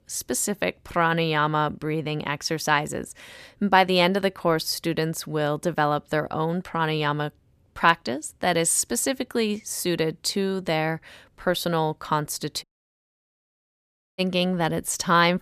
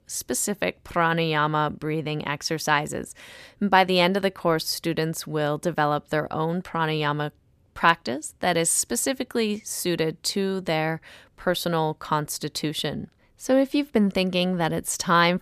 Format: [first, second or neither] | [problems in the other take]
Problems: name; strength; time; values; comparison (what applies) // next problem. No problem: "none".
second | audio cutting out; at 13 s for 1.5 s